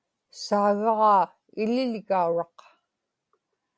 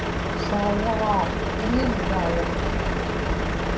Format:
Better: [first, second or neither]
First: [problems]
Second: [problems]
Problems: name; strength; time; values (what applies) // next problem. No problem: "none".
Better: first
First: none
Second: background sound (Truck); 4 dB above the speech // room echo; dies away in 0.5 s